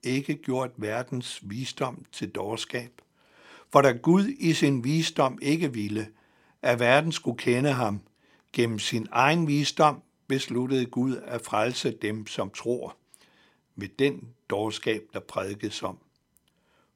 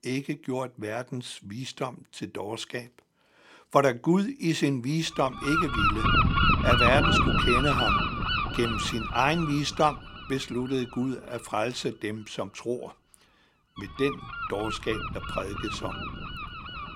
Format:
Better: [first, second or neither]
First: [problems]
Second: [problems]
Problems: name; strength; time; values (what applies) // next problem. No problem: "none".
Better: first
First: none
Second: animal sounds; very loud; from 5.5 s on; 3 dB above the speech